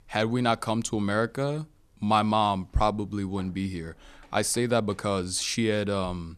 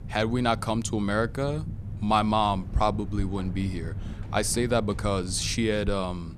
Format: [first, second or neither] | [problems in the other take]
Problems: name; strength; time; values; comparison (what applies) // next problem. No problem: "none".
first | low rumble; faint; throughout; 20 dB below the speech